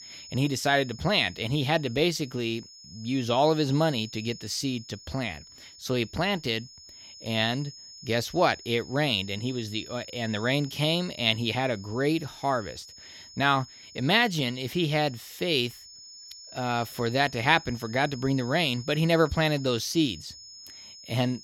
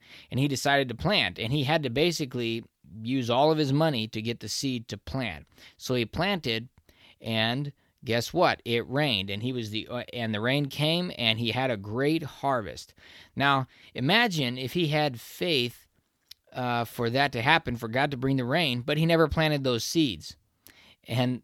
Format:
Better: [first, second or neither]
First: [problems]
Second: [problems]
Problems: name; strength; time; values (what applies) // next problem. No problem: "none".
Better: second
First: high-pitched whine; noticeable; throughout; 5 kHz, 20 dB below the speech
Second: none